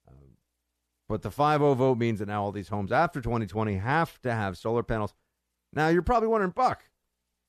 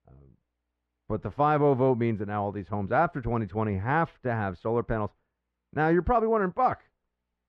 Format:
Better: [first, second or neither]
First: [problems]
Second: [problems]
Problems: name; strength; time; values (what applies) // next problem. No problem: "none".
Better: first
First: none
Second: muffled; very; fading above 2 kHz